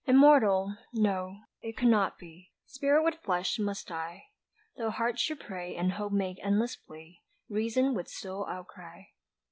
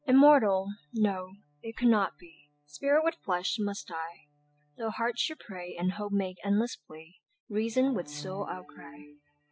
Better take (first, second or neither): first